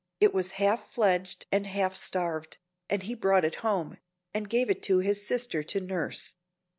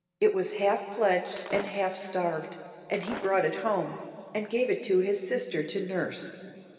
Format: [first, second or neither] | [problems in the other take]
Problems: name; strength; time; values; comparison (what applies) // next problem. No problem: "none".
first | background sound (Shatter); 15 dB below the speech // room echo; dies away in 2.4 s